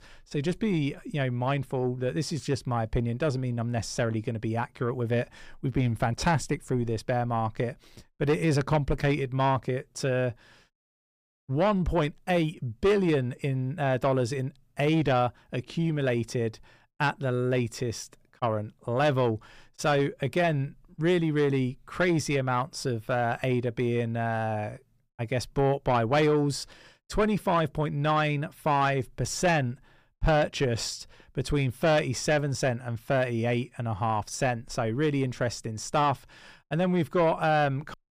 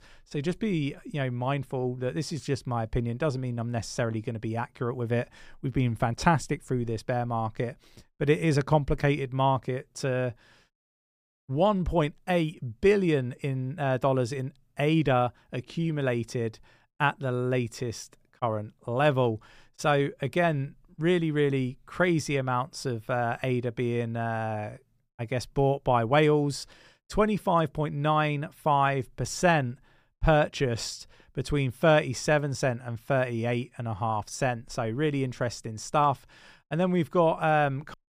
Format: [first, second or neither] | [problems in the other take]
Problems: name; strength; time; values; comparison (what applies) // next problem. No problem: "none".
second | distortion; slight; 10 dB below the speech